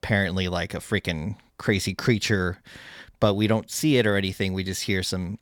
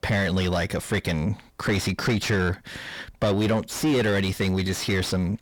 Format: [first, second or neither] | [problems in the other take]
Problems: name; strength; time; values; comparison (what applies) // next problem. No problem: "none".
first | distortion; heavy; 6 dB below the speech